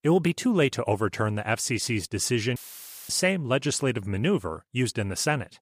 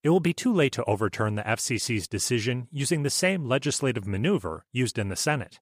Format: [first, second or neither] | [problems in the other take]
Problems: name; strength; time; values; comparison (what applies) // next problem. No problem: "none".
second | audio cutting out; filled with static; at 2.5 s for 0.5 s